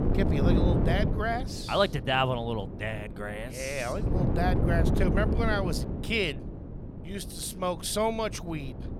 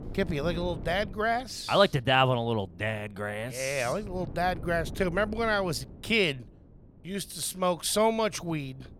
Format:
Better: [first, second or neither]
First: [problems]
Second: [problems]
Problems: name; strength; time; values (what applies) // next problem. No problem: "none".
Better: second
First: wind noise on the microphone; heavy; 6 dB below the speech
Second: wind noise on the microphone; occasional gusts; 25 dB below the speech